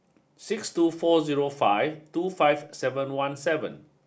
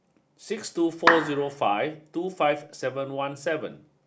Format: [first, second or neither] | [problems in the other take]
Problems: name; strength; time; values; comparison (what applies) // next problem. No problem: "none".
first | background sound (Clapping); 3 dB above the speech